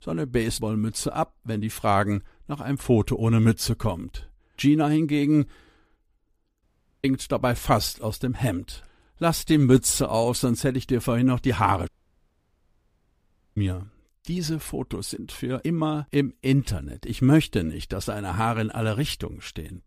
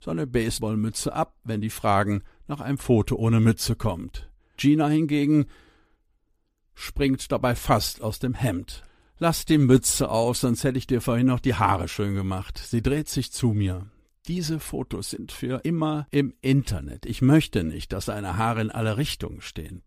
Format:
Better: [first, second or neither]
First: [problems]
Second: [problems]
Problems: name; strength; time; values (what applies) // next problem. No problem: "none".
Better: second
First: audio cutting out; at 6.5 s and at 12 s for 1.5 s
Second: none